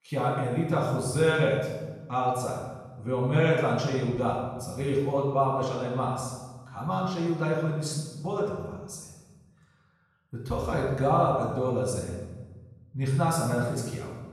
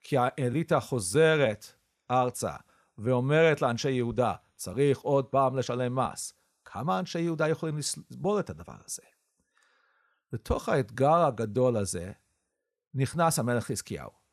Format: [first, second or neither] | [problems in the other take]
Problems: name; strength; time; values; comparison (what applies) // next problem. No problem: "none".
second | off-mic speech; far // room echo; noticeable; dies away in 1.1 s